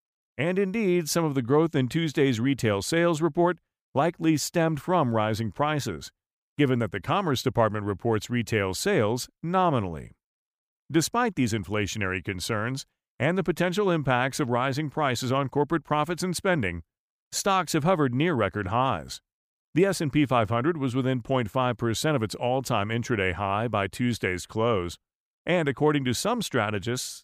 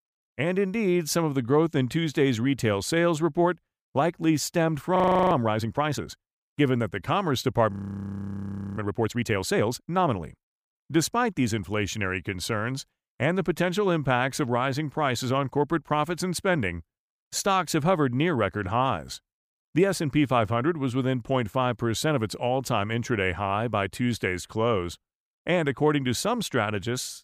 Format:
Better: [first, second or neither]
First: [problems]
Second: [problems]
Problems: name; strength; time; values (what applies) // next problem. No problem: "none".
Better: first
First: none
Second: audio freezing; at 5 s and at 7.5 s for 1 s